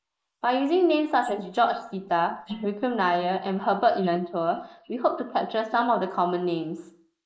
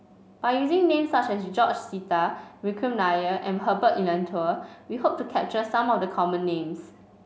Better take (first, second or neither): second